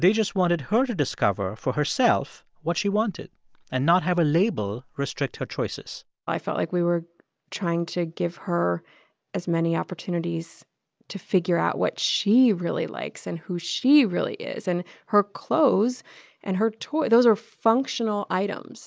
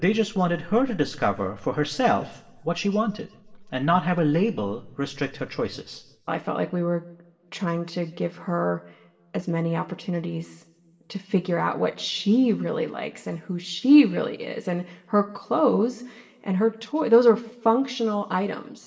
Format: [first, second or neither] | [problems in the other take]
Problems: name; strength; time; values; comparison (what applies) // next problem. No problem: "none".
first | room echo; dies away in 1 s